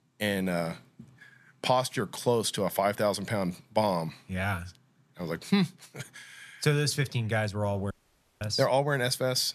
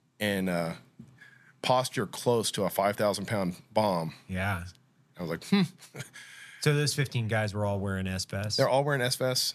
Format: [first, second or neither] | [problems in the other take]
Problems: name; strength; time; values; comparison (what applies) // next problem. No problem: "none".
second | audio cutting out; at 8 s for 0.5 s